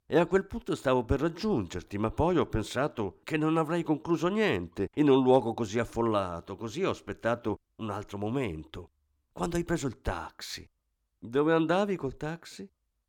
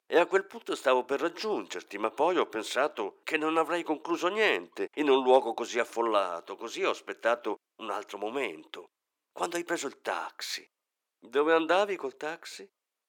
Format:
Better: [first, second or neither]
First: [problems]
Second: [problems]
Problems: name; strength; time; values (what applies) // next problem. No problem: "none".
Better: first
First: none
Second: thin; somewhat; fading below 400 Hz